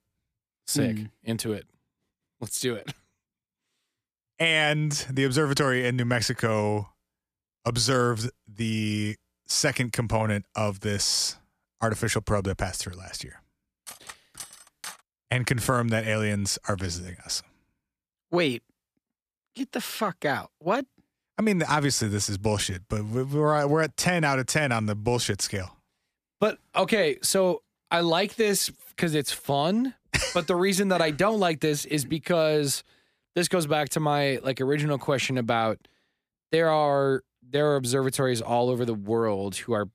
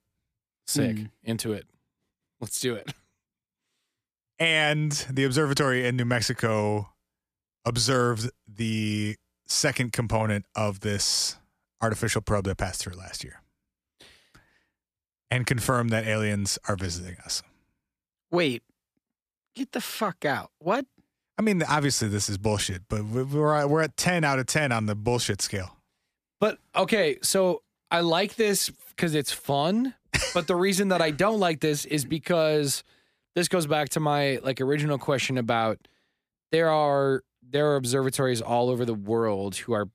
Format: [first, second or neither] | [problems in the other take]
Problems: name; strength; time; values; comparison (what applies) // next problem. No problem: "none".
second | clattering dishes; faint; from 14 to 15 s; peak 15 dB below the speech